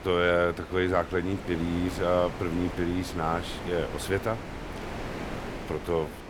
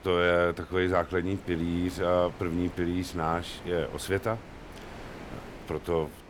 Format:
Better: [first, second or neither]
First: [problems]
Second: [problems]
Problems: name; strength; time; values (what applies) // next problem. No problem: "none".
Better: second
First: wind noise on the microphone; heavy; 10 dB below the speech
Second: wind noise on the microphone; occasional gusts; 15 dB below the speech